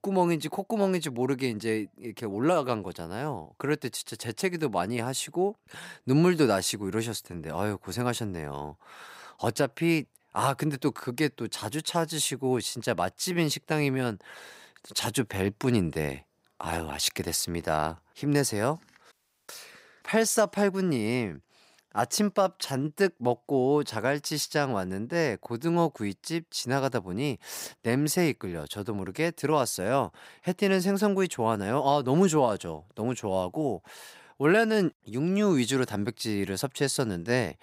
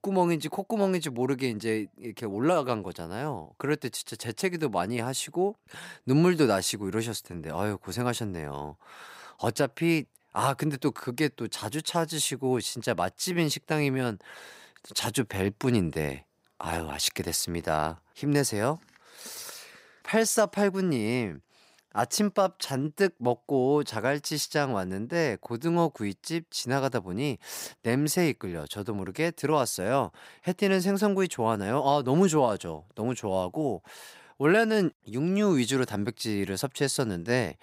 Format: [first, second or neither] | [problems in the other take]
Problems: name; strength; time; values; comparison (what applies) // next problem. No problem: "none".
second | audio cutting out; at 19 s